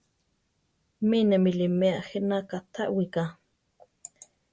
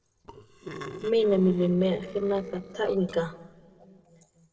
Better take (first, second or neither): first